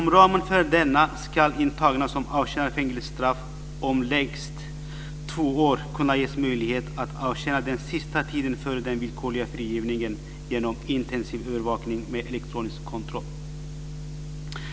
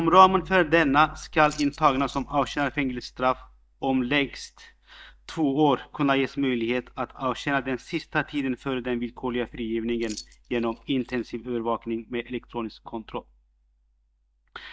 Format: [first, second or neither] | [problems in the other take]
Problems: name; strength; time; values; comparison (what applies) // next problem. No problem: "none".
first | noise reduction (neural mask model DeepFilterNet 3)